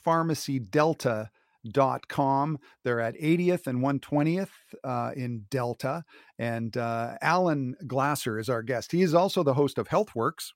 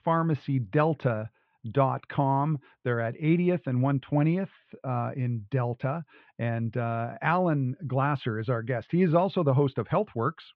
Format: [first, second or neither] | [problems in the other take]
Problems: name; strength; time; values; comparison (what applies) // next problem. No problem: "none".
first | muffled; very; fading above 3.5 kHz